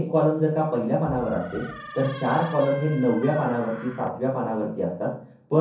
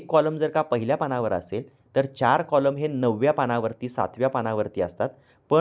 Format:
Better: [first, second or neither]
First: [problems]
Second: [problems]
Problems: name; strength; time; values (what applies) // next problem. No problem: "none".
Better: second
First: background sound (Door); 16 dB below the speech // room echo; dies away in 0.6 s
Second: none